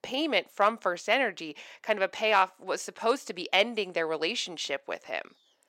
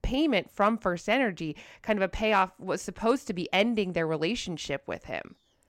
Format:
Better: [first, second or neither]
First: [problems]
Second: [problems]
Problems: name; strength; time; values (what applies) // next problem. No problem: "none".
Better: second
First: thin; somewhat; fading below 450 Hz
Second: none